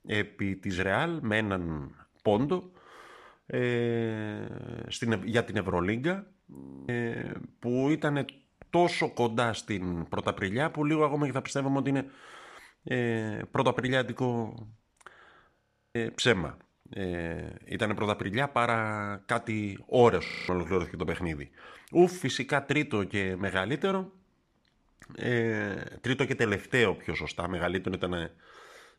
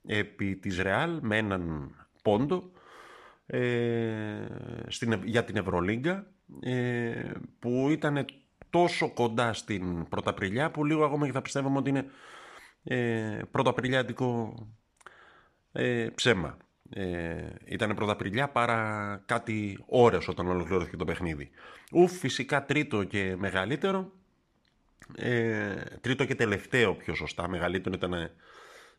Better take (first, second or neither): second